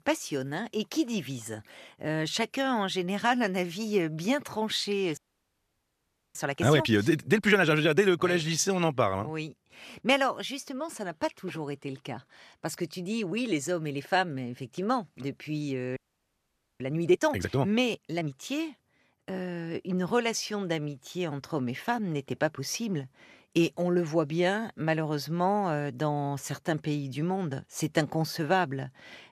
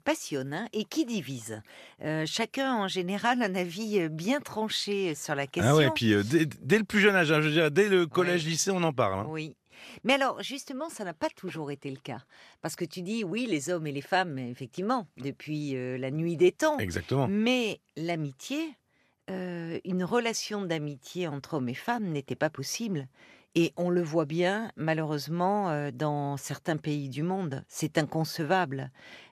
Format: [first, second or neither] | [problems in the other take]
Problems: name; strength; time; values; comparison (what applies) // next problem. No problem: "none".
second | audio freezing; at 5 s for 1 s and at 16 s for 1 s